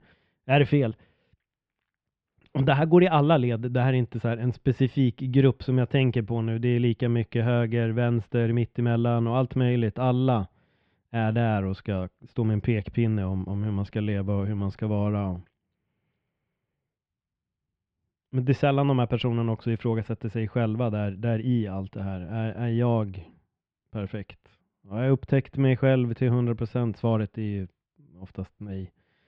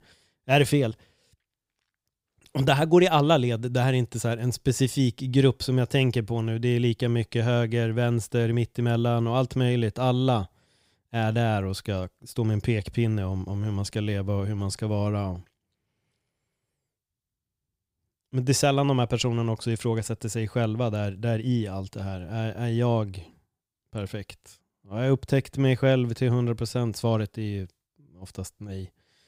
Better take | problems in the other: second | muffled; very; fading above 3 kHz

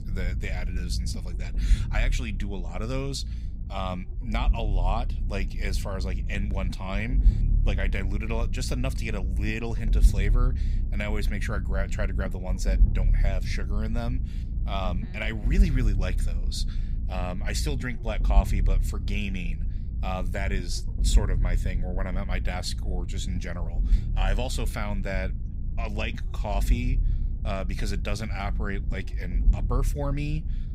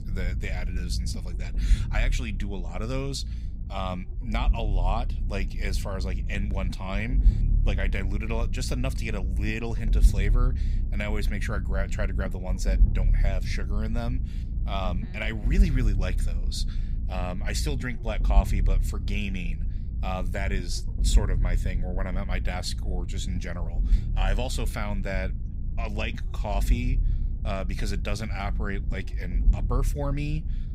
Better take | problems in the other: neither | low rumble; noticeable; throughout; 10 dB below the speech; the same in both

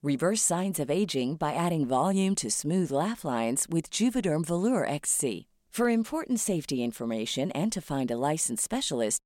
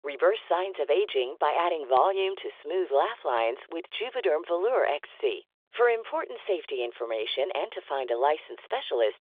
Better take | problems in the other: first | phone-call audio; nothing above 3.5 kHz

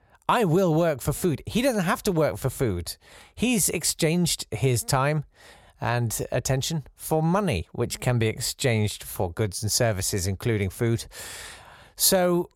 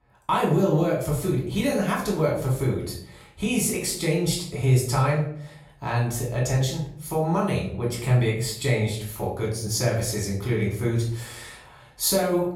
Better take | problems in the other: first | room echo; noticeable; dies away in 0.5 s // off-mic speech; far

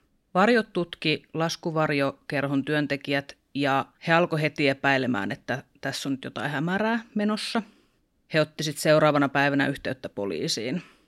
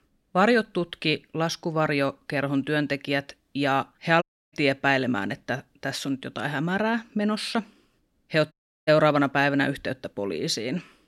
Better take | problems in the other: first | audio cutting out; at 4 s and at 8.5 s

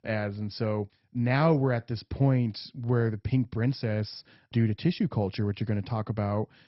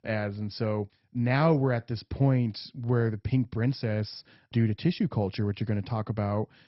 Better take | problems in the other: neither | garbled, watery; badly; nothing above 5.5 kHz; the same in both

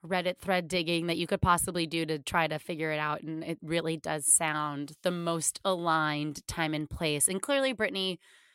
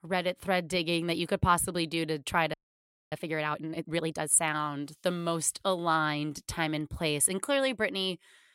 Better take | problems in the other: first | audio freezing; at 2.5 s for 0.5 s

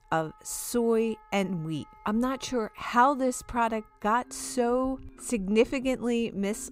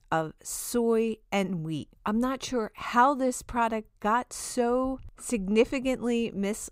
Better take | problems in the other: second | background music; faint; throughout; 25 dB below the speech

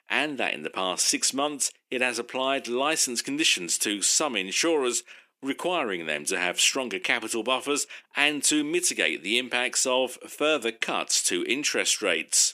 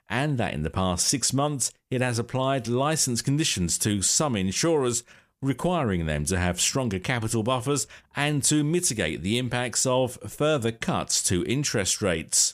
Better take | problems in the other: second | thin; somewhat; fading below 300 Hz

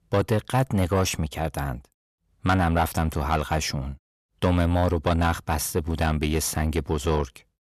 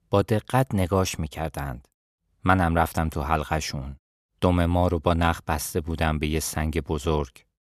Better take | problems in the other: second | distortion; slight; 10 dB below the speech

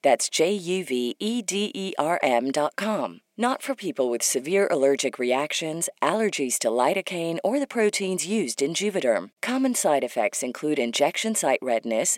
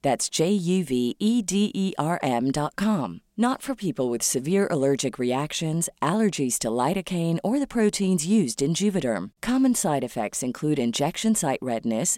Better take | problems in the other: second | thin; somewhat; fading below 350 Hz

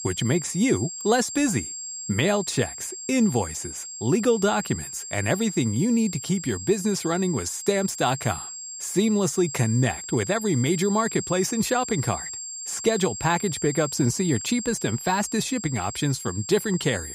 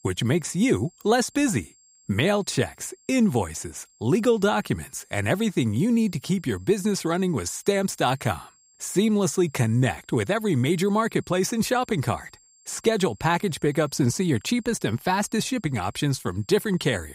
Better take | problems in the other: second | high-pitched whine; loud; throughout; 7.5 kHz, 8 dB below the speech; faint in the second

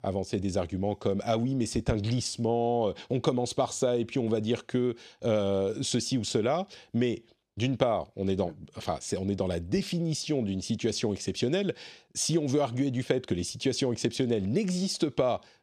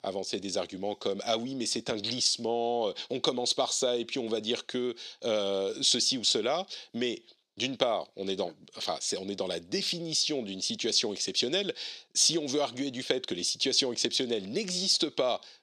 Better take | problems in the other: first | thin; very slightly; fading below 300 Hz

